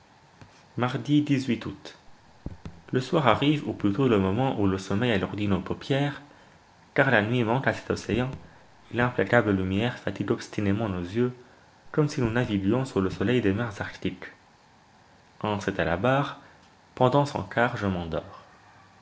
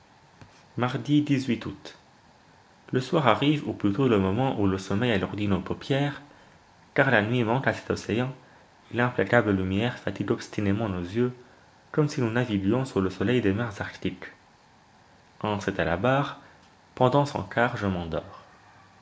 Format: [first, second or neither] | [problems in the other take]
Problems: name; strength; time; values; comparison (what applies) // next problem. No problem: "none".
second | background sound (Raindrop / Drip); 18 dB below the speech